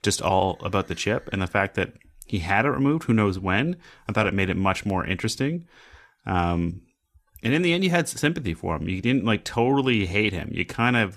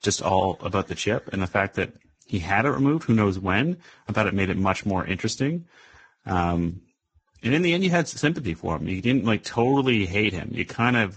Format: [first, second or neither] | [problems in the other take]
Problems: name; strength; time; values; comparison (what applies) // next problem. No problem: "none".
first | garbled, watery; badly; nothing above 7.5 kHz